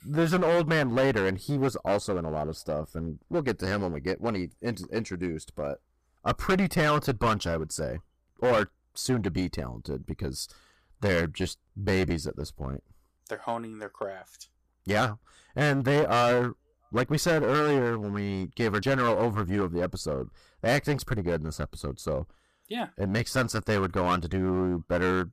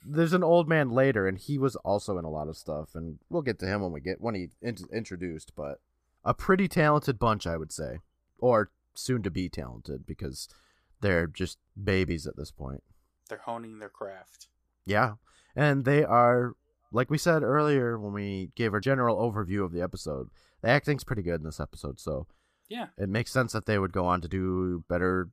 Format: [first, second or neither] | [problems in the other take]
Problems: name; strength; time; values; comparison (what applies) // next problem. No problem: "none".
second | distortion; heavy; 10% of the sound clipped